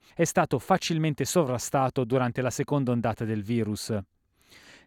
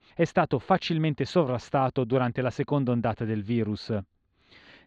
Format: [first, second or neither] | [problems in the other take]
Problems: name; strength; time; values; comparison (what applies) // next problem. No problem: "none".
first | muffled; slightly; fading above 4 kHz